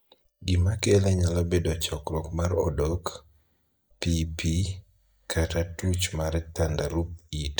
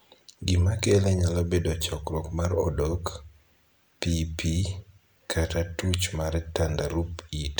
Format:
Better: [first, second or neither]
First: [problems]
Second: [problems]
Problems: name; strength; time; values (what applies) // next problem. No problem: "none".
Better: second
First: noise reduction (neural mask model DeepFilterNet 3)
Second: none